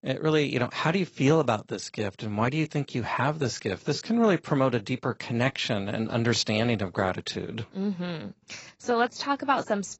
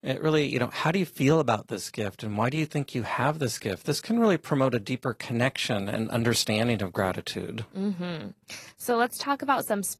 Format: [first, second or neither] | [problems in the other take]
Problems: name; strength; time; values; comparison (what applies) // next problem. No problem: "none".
second | garbled, watery; badly; nothing above 8 kHz; slightly in the second